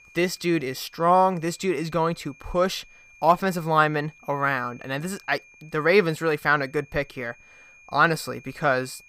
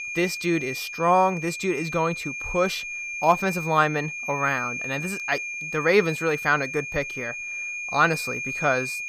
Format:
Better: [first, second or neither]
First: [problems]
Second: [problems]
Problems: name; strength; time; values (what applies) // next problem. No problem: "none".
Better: first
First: high-pitched whine; faint; throughout; 2.5 kHz, 25 dB below the speech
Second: high-pitched whine; loud; throughout; 2.5 kHz, 6 dB below the speech